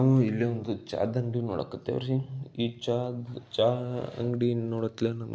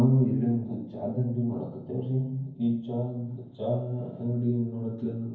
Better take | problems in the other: first | room echo; dies away in 0.9 s

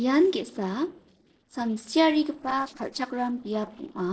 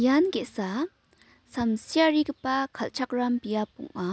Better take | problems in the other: second | noise reduction (neural separator model SepFormer DNS4)

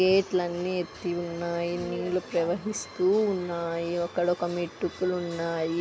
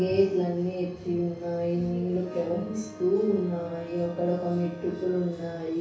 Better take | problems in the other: first | background sound (Wind instrument, woodwind instrument); 20 dB below the speech // room echo; dies away in 0.6 s

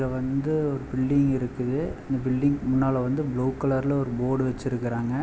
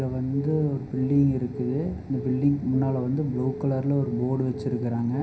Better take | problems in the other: first | background sound (Telephone); 15 dB below the speech // room echo; dies away in 0.5 s

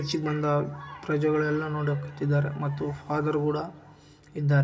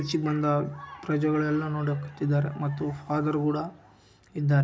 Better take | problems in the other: second | room echo; dies away in 0.3 s

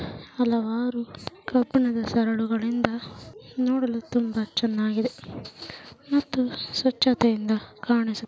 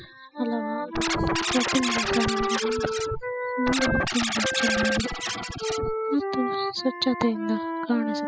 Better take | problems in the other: first | noise reduction (classical method spectral subtraction)

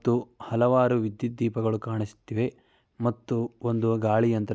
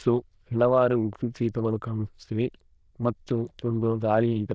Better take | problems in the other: first | noise reduction (neural diffusion model UNIVERSE++)

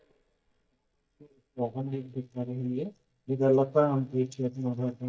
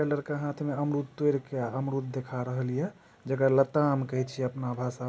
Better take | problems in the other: second | noise reduction (neural mask model DeepFilterNet 3)

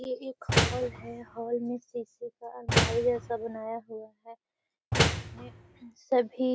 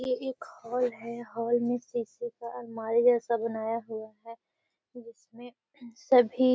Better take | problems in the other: second | background sound (Slam); 4 dB above the speech

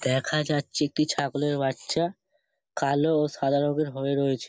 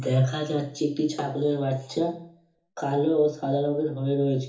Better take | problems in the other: first | room echo; dies away in 0.7 s

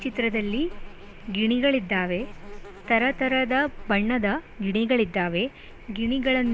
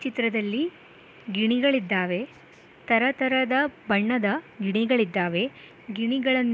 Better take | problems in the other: second | background sound (Insect); 13 dB below the speech

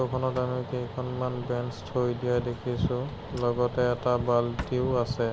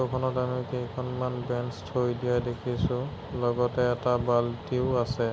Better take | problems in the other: second | background sound (Drawer open or close); 18 dB below the speech

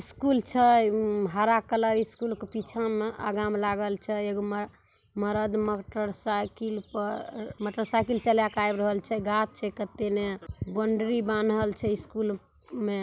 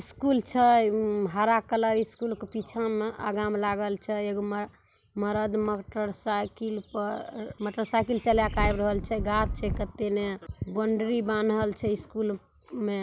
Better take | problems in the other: first | background sound (Wind); 4 dB below the speech

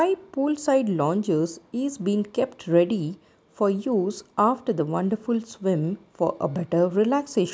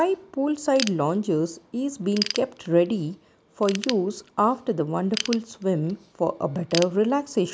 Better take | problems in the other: first | background sound (Ratchet, pawl / Tools); 13 dB below the speech

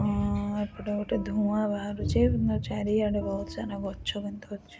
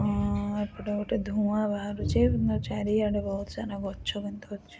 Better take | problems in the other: second | background sound (Guitar); 16 dB below the speech

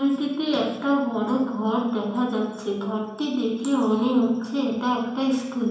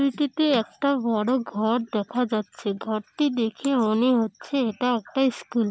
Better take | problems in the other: second | room echo; dies away in 1 s

